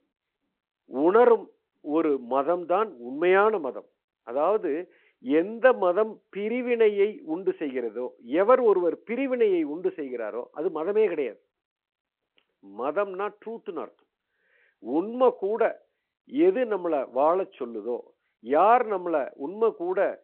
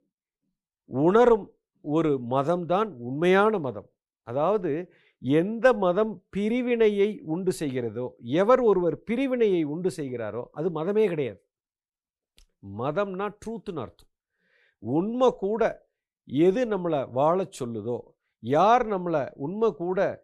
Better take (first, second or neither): second